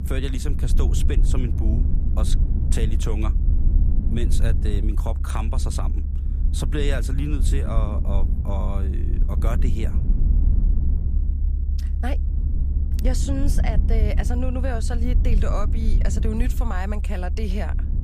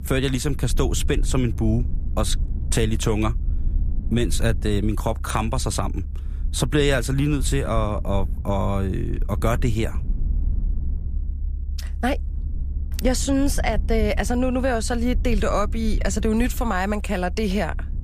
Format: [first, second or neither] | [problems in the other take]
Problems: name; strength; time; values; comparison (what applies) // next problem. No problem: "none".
second | low rumble; loud; throughout; 7 dB below the speech; faint in the second